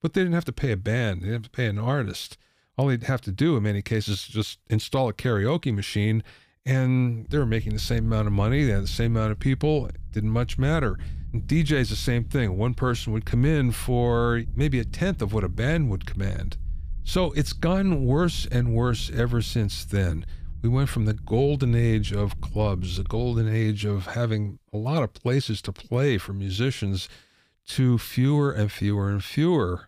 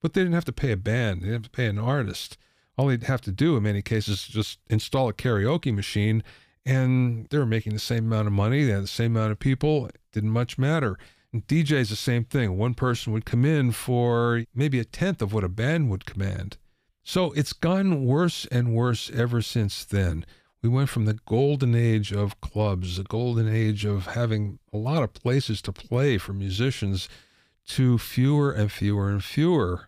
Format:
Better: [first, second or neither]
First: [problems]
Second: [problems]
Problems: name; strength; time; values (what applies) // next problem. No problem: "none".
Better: second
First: low rumble; faint; from 7.5 to 23 s; 25 dB below the speech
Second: none